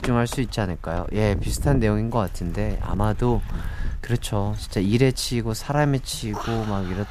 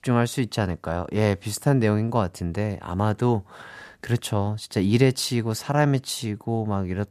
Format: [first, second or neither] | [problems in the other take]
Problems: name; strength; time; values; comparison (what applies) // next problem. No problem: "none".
second | wind noise on the microphone; occasional gusts; 10 dB below the speech